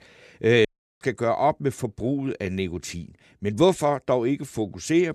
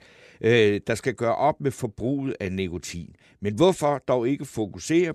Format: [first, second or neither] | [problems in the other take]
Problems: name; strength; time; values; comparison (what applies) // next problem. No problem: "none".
second | audio cutting out; at 0.5 s